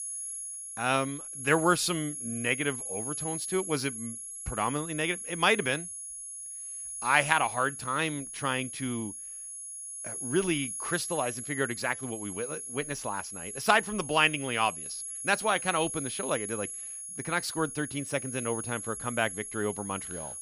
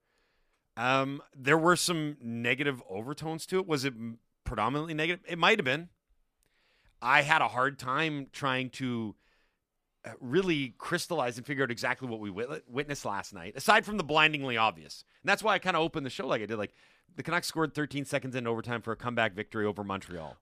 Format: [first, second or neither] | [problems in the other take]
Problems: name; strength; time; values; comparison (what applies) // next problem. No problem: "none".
second | high-pitched whine; loud; throughout; 11 kHz, 6 dB below the speech